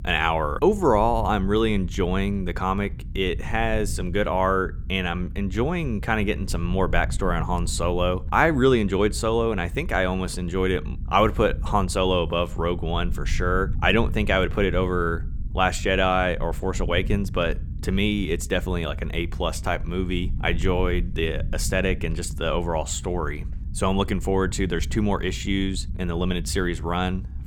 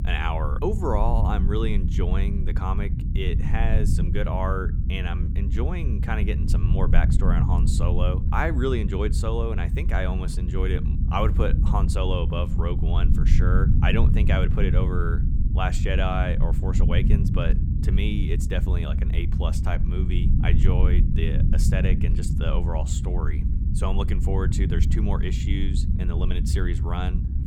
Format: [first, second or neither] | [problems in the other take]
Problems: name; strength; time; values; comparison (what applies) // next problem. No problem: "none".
first | low rumble; loud; throughout; 7 dB below the speech; faint in the first